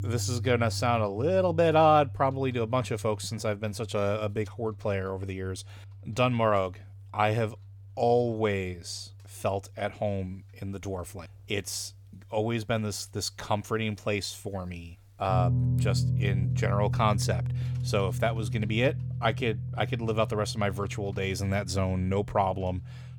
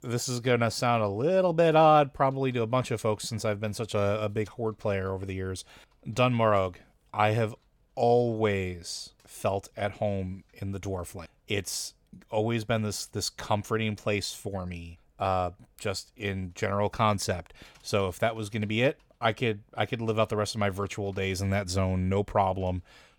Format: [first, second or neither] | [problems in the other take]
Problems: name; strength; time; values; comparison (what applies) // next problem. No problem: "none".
second | background music; loud; throughout; 4 dB below the speech